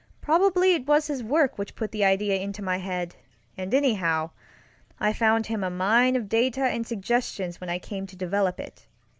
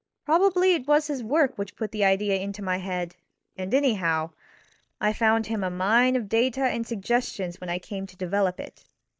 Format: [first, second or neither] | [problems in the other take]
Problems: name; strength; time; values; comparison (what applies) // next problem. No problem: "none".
first | noise reduction (neural mask model DeepFilterNet 3)